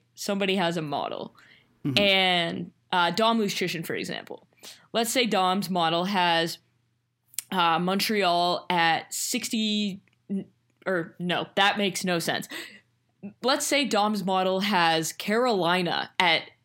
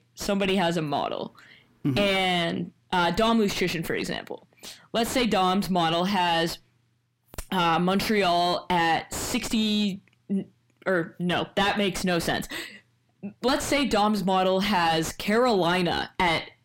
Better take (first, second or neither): first